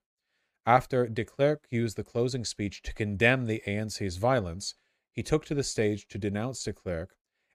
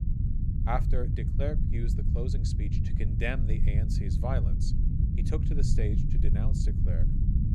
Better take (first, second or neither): first